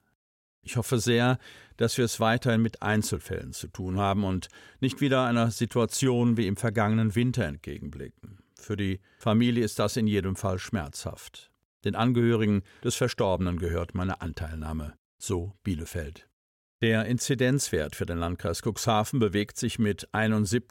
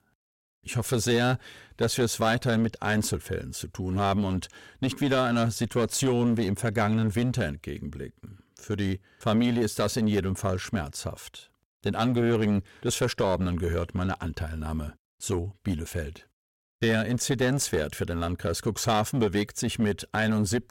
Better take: first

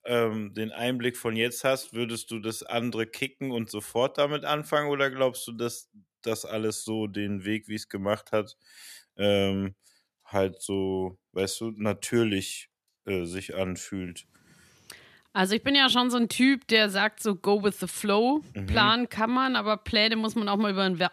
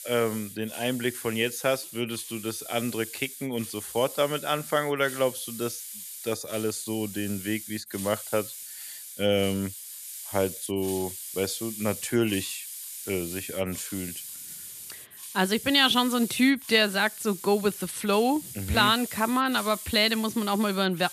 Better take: first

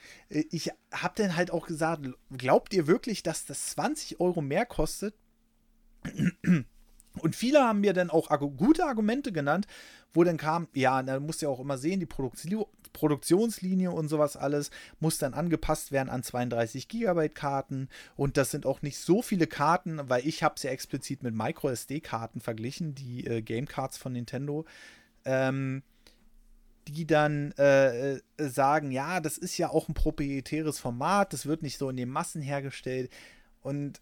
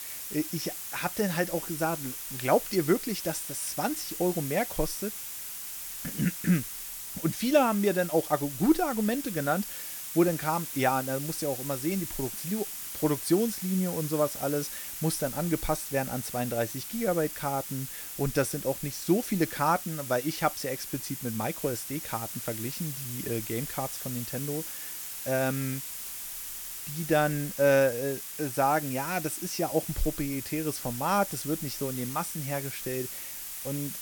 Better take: first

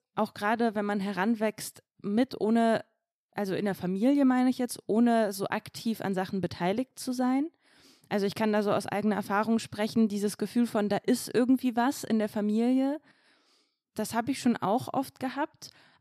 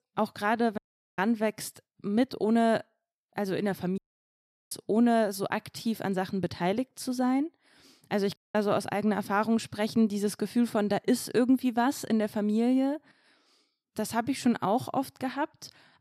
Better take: first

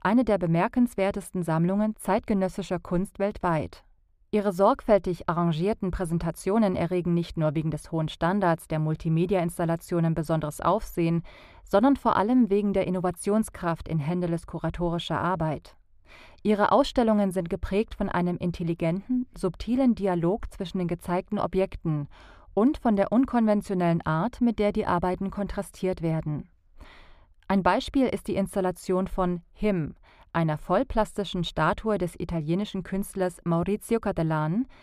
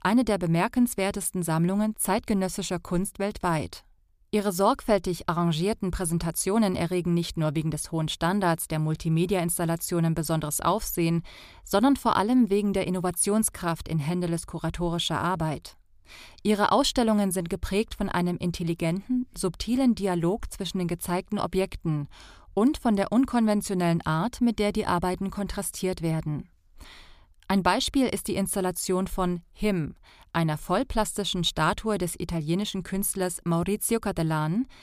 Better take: second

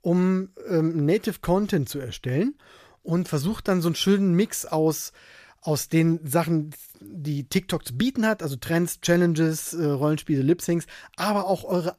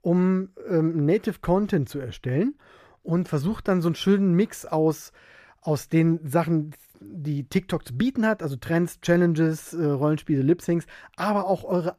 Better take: first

